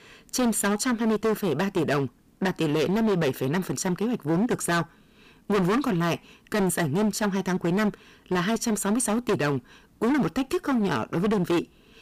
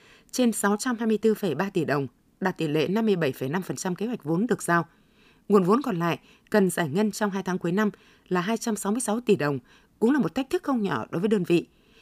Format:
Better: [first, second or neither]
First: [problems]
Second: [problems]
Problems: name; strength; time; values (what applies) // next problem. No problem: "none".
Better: second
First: distortion; heavy; 18% of the sound clipped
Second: none